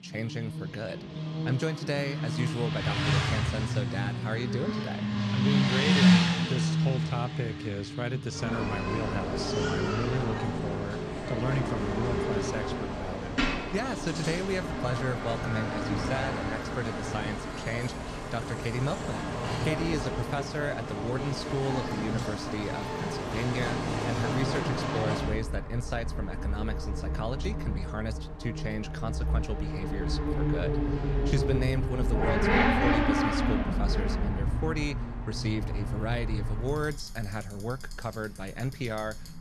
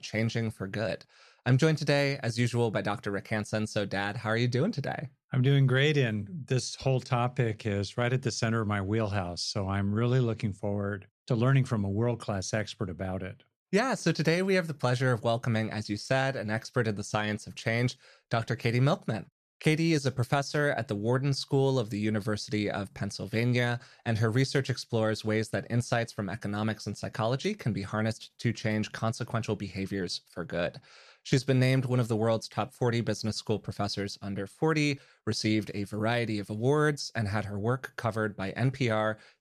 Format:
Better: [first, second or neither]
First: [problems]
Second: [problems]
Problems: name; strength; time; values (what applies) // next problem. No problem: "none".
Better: second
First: traffic noise; very loud; throughout; 4 dB above the speech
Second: none